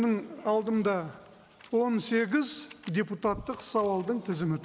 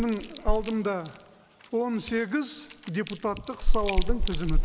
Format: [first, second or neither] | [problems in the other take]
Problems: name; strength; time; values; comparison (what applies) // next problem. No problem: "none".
first | background sound (Chewing, mastication); 3 dB above the speech